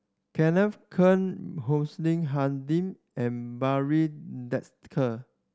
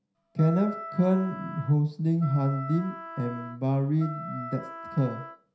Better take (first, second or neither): first